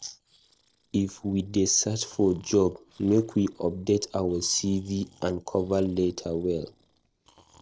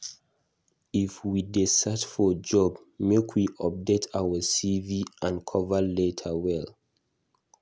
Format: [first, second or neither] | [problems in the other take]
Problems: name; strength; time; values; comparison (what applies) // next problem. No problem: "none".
second | noise reduction (neural separator model SepFormer DNS4)